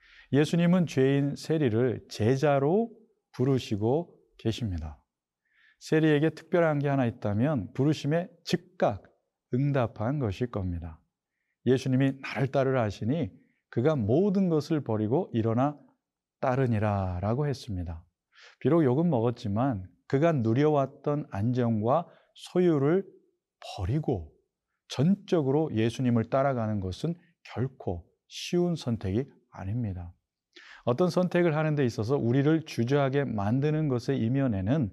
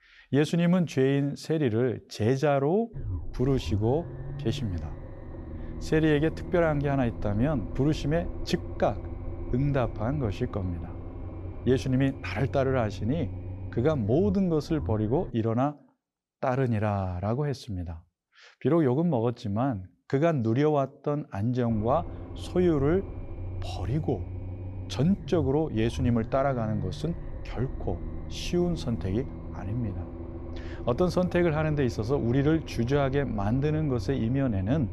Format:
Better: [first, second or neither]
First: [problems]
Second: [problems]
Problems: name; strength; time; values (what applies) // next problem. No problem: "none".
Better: first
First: none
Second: low rumble; noticeable; from 3 to 15 s and from 22 s on; 15 dB below the speech